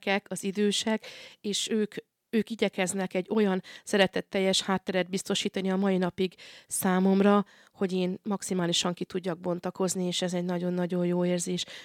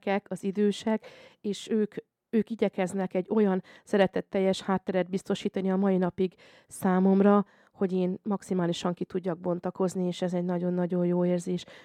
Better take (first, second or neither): first